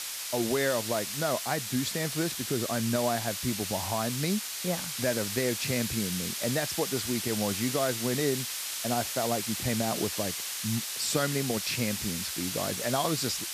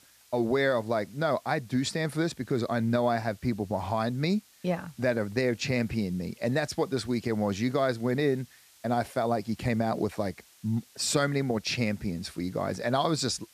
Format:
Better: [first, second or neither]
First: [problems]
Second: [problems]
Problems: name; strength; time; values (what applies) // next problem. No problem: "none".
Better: second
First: hiss; loud; throughout; 1 dB below the speech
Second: hiss; faint; throughout; 25 dB below the speech